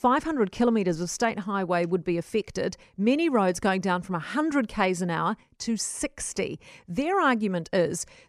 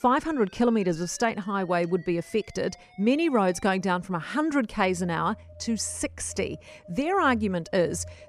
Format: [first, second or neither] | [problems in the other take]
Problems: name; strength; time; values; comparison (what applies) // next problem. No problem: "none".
first | alarms or sirens; faint; throughout; 25 dB below the speech